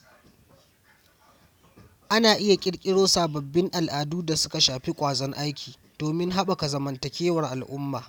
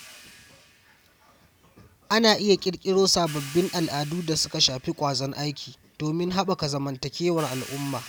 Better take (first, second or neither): first